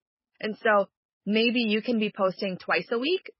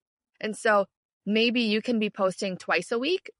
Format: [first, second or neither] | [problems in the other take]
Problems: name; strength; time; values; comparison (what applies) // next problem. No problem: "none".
second | garbled, watery; badly; nothing above 5.5 kHz; slightly in the second